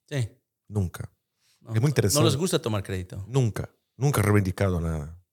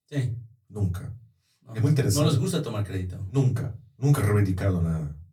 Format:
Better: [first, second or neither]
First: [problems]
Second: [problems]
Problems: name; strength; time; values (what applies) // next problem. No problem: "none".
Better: first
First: none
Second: off-mic speech; far // room echo; very slight; dies away in 0.3 s